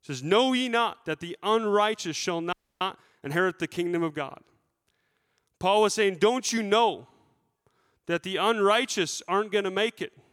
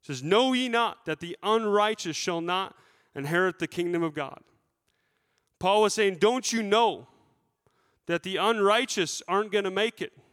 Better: second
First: audio freezing; at 2.5 s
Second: none

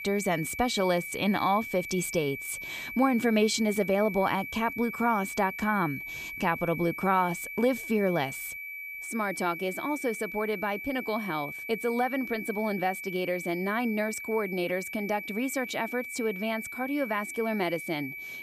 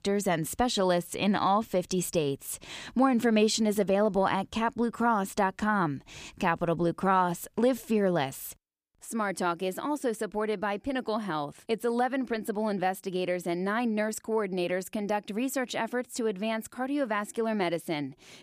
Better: second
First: high-pitched whine; loud; throughout; 2.5 kHz, 7 dB below the speech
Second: none

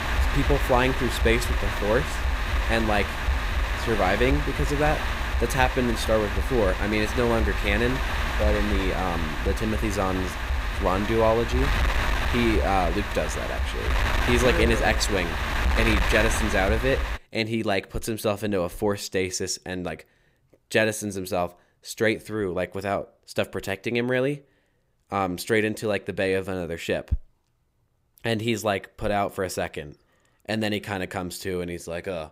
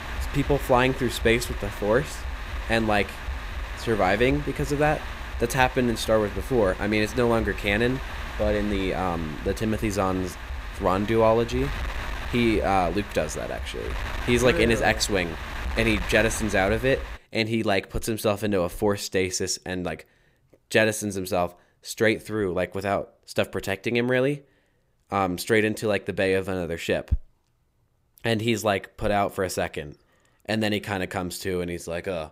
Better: second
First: wind noise on the microphone; heavy; until 17 s; 2 dB below the speech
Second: wind noise on the microphone; occasional gusts; until 17 s; 10 dB below the speech

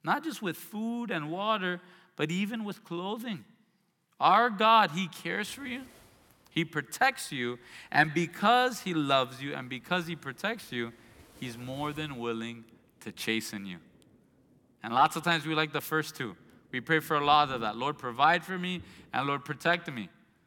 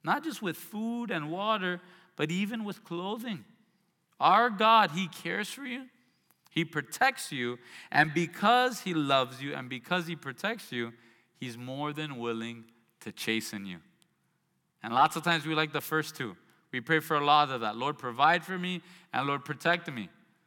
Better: second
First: rain or running water; faint; from 5.5 s on; 30 dB below the speech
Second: none

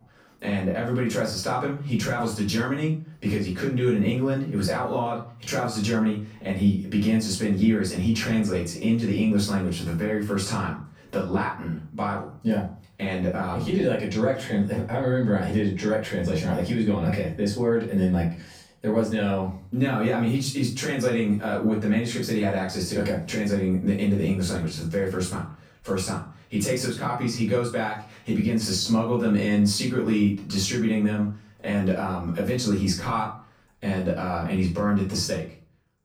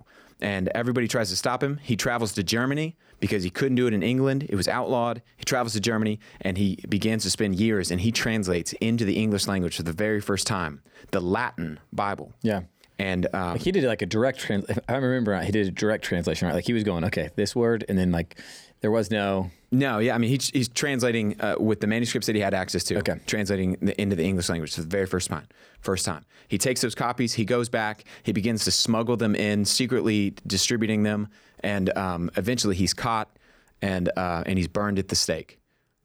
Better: second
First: off-mic speech; far // room echo; noticeable; dies away in 0.4 s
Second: none

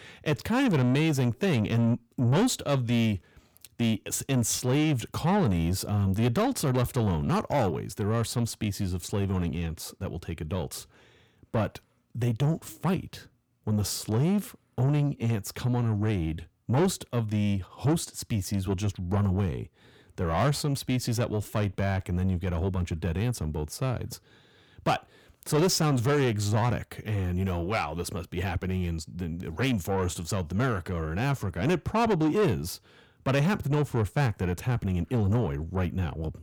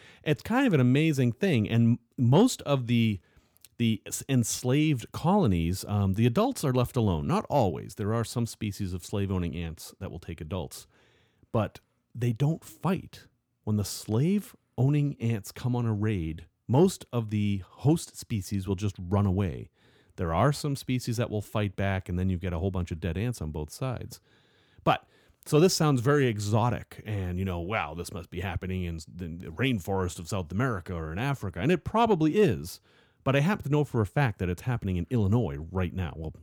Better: second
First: distortion; slight; 10 dB below the speech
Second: none

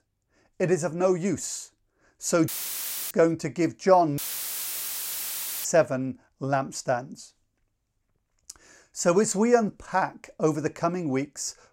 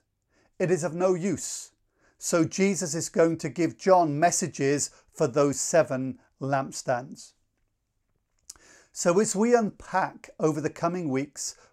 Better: second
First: audio cutting out; filled with static; at 2.5 s for 0.5 s and at 4 s for 1.5 s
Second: none

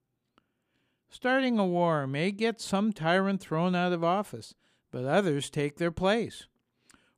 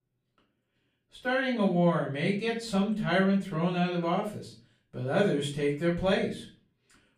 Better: first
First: none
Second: off-mic speech; far // room echo; slight; dies away in 0.4 s

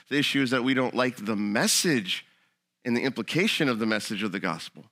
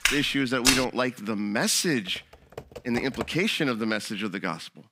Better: first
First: none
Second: footsteps; loud; at the start; peak 4 dB above the speech // keyboard typing; faint; from 2 to 3.5 s; peak 10 dB below the speech

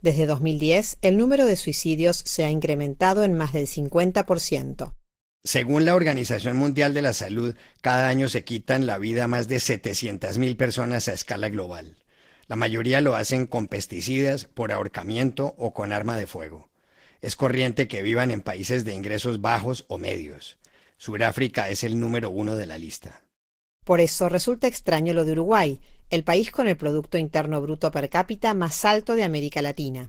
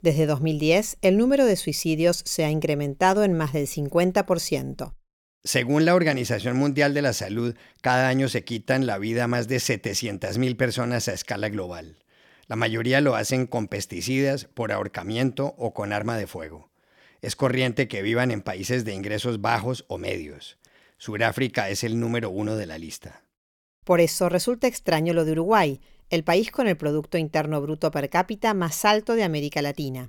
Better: second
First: garbled, watery; slightly; nothing above 15.5 kHz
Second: none

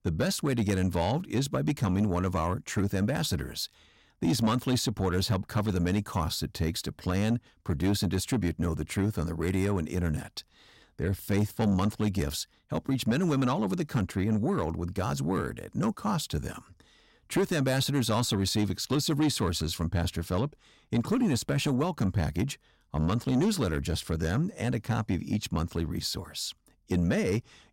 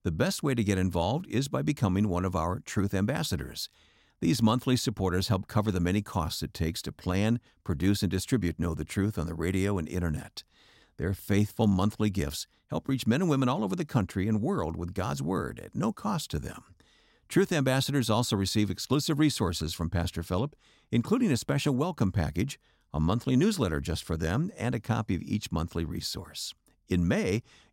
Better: second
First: distortion; slight; 10 dB below the speech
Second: none

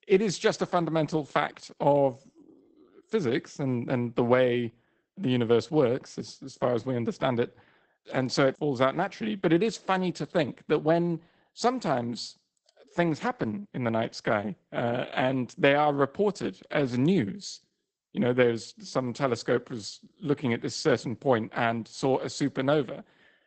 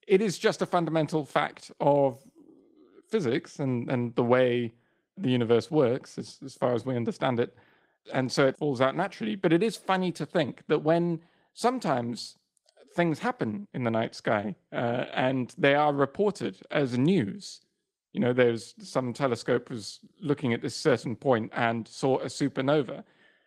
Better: second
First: garbled, watery; badly; nothing above 8 kHz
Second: garbled, watery; slightly; nothing above 15.5 kHz

